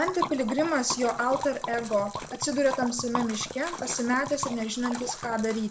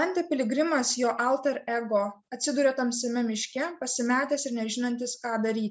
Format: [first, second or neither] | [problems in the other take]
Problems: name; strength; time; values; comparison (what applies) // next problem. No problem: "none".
second | background sound (Liquid); 8 dB below the speech